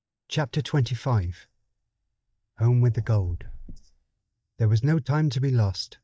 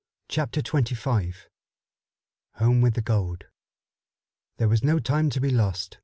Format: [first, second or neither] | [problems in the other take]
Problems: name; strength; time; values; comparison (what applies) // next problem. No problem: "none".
second | noise reduction (neural mask model DeepFilterNet 3)